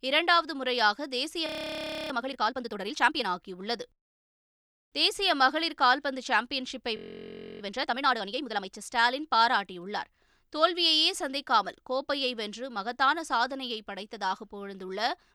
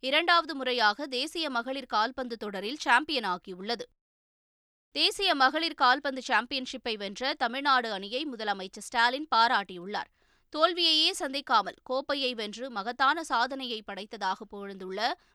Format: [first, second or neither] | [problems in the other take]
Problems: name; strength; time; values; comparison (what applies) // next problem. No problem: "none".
second | audio freezing; at 1.5 s for 0.5 s and at 7 s for 0.5 s